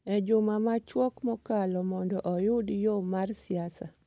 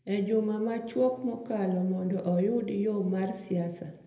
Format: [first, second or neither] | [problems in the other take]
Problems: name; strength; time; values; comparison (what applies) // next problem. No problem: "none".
first | room echo; dies away in 0.8 s